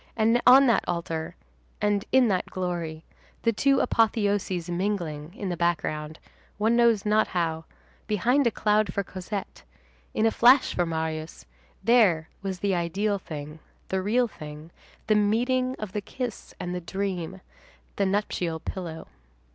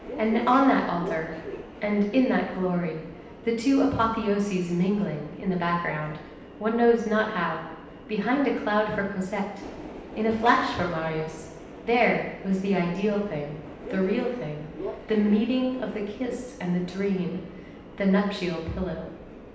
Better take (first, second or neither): first